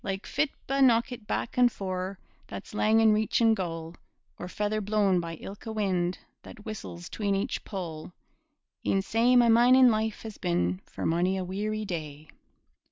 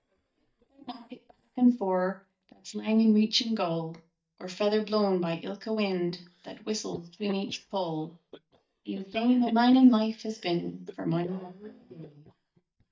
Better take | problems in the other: first | noise reduction (neural mask model DeepFilterNet 3)

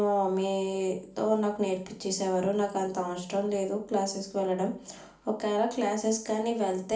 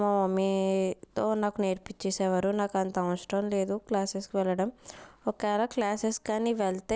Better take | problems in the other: second | room echo; dies away in 0.4 s

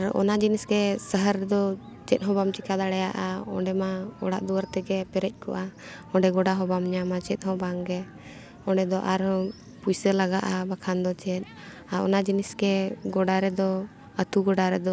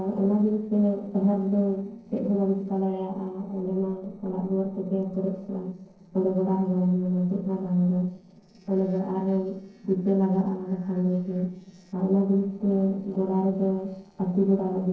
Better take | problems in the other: first | noise reduction (neural separator model SepFormer DNS4)

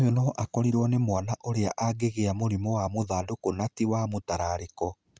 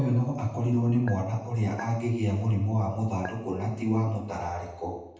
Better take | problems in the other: first | background sound (Chink, clink); 17 dB below the speech // room echo; dies away in 0.9 s

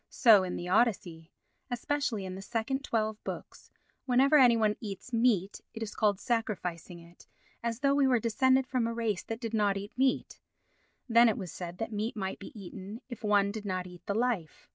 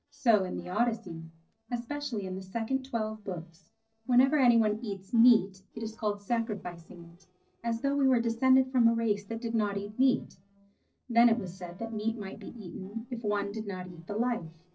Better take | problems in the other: first | noise reduction (neural separator model SepFormer DNS4)

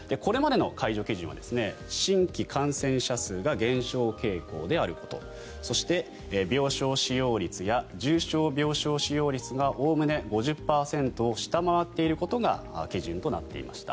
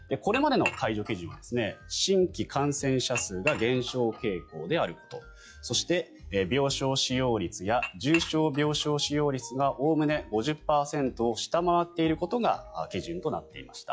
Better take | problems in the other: first | noise reduction (classical method log-MMSE)

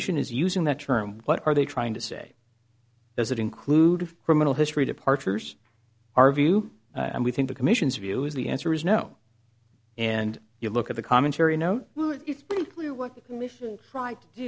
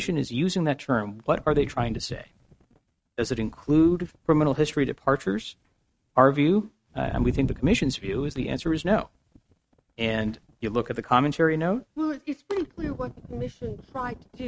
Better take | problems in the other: first | noise reduction (neural mask model RNNoise)

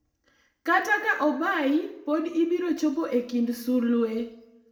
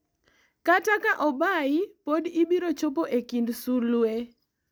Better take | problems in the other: second | room echo; dies away in 0.7 s

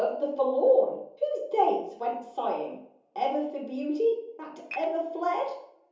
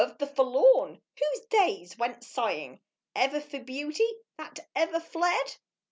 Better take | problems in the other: second | background sound (Dishes, pots, and pans / Glass); 14 dB below the speech // room echo; dies away in 2.8 s

